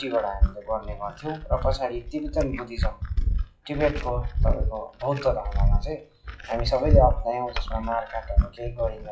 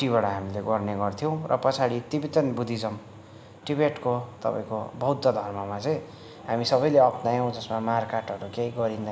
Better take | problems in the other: second | noise reduction (classical method WPE with log-MMSE)

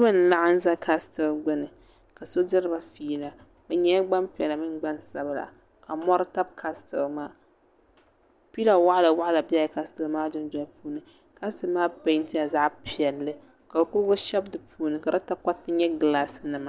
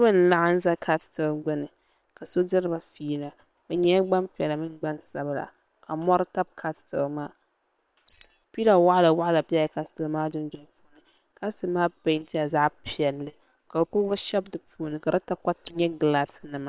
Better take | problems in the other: first | noise reduction (neural separator model SepFormer WHAM!)

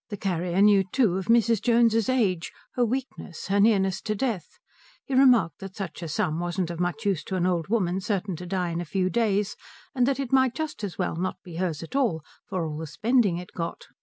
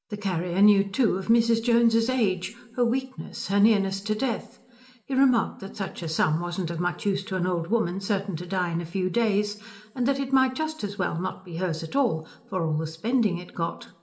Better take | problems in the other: first | room echo; dies away in 1.2 s

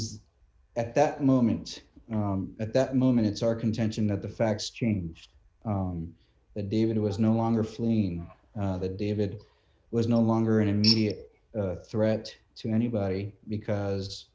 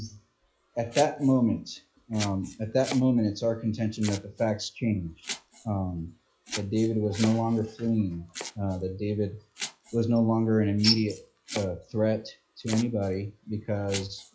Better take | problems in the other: first | noise reduction (classical method log-MMSE)

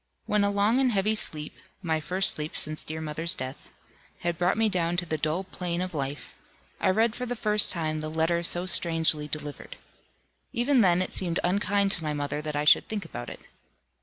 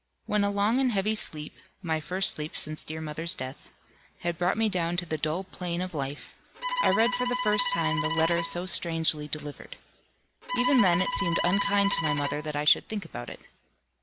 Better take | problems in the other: first | background sound (Bowed string instrument); 2 dB below the speech

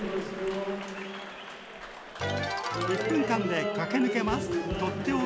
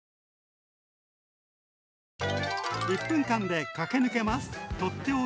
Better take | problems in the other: second | background sound (Applause); 2 dB below the speech

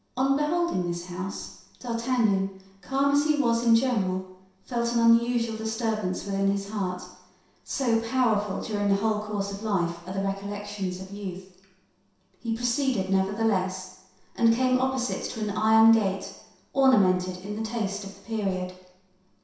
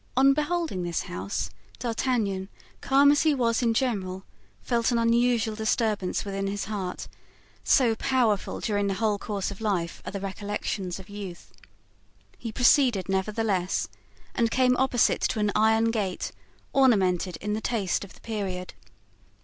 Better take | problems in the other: second | room echo; dies away in 0.7 s

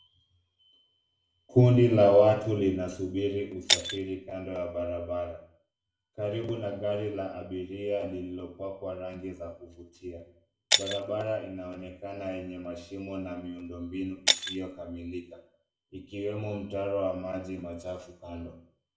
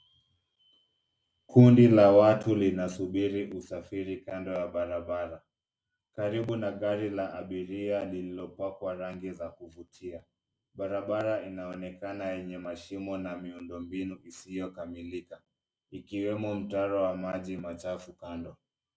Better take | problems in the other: second | background sound (Shatter); 5 dB below the speech // room echo; dies away in 0.5 s

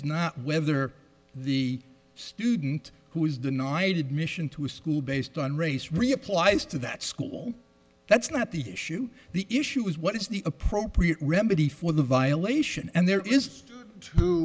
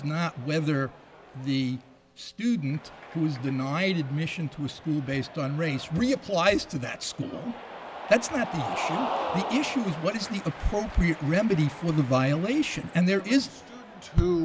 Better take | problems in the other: first | background sound (Cheering); 12 dB below the speech

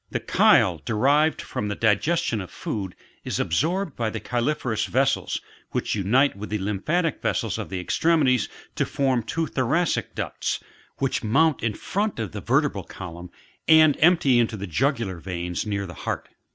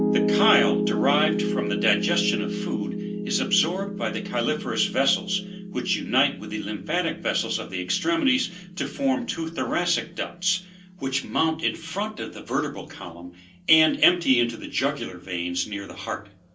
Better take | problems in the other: first | background sound (Piano); 5 dB below the speech // room echo; dies away in 0.3 s

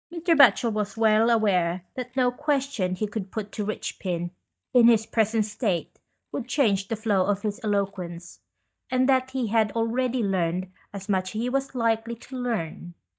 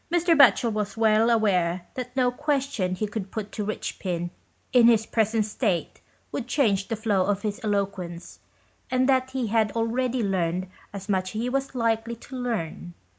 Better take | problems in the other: second | noise reduction (neural mask model DeepFilterNet 3)

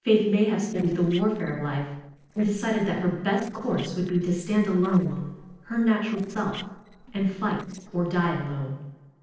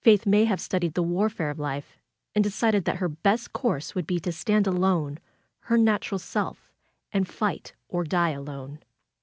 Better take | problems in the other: second | noise reduction (neural separator model SepFormer DNS4)

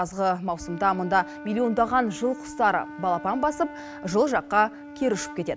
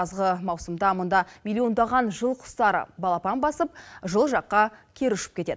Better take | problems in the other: second | background sound (Wind instrument, woodwind instrument); 15 dB below the speech

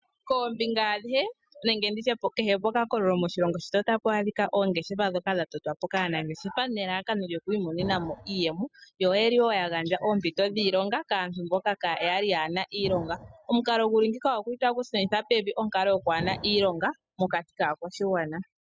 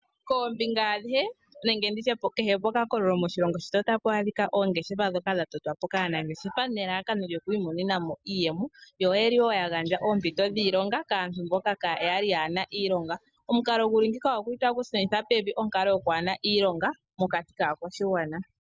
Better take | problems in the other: second | noise reduction (classical method spectral subtraction)

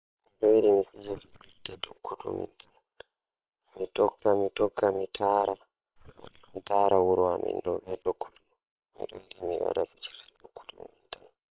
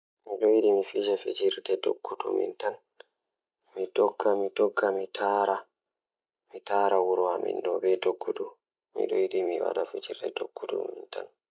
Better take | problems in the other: second | noise reduction (neural separator model SepFormer WHAM!)

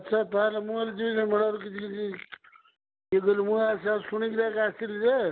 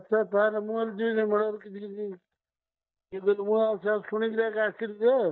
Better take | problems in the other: first | noise reduction (neural mask model DeepFilterNet 3)

